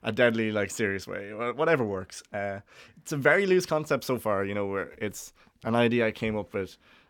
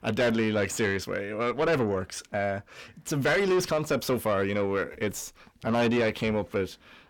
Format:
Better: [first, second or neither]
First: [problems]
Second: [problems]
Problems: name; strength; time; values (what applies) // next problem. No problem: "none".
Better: first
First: none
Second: distortion; heavy; 7 dB below the speech